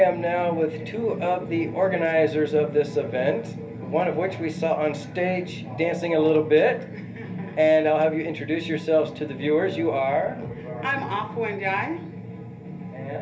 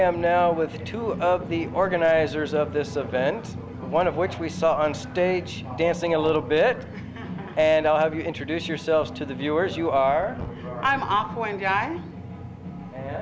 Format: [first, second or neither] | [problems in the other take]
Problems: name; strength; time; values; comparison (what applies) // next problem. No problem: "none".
second | room echo; dies away in 0.3 s